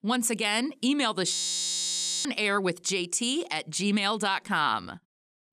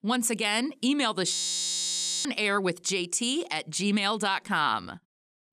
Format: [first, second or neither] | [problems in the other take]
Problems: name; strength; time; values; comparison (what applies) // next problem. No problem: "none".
neither | audio freezing; at 1.5 s for 1 s; the same in both